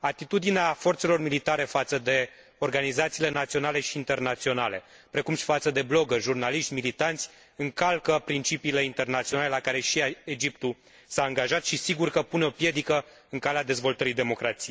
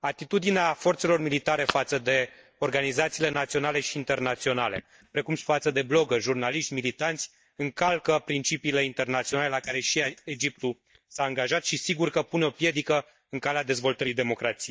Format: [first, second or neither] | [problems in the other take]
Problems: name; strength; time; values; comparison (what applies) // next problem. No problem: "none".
first | noise reduction (neural mask model DeepFilterNet 3)